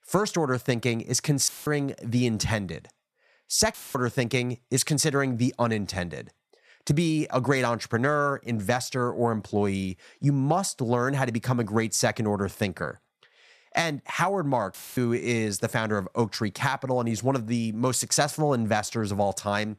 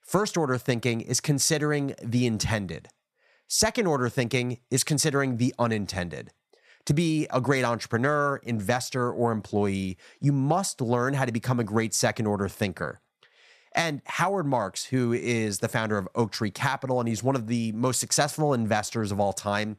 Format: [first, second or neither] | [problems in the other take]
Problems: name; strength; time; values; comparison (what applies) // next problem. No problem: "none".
second | audio cutting out; filled with static; at 1.5 s, at 3.5 s and at 15 s